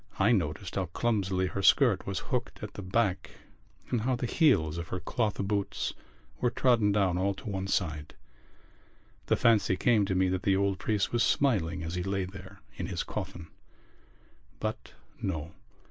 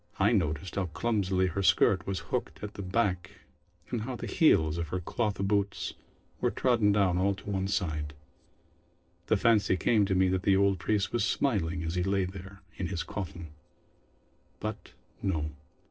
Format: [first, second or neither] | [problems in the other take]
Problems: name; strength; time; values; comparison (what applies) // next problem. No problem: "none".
first | noise reduction (neural separator model SepFormer DNS4)